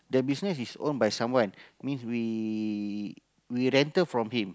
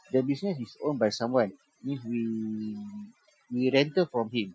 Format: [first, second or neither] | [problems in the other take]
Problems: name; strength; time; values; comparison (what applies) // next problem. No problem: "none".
first | noise reduction (classical method Wiener filter)